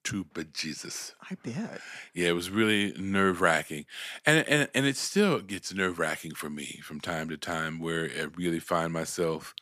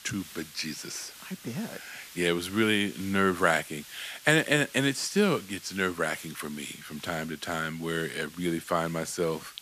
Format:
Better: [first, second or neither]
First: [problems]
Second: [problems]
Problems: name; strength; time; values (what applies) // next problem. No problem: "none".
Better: first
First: none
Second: hiss; noticeable; throughout; 15 dB below the speech